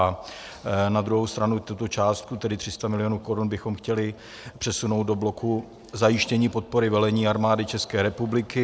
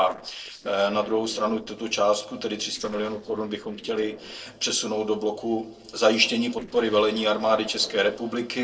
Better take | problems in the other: first | noise reduction (neural separator model SepFormer DNS4)

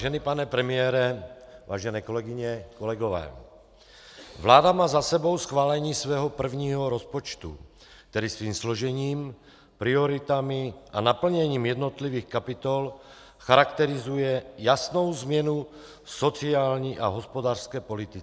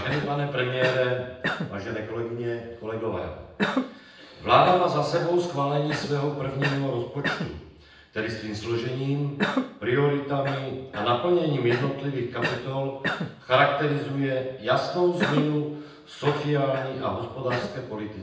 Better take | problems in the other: first | background sound (Cough); 8 dB below the speech // room echo; dies away in 0.9 s

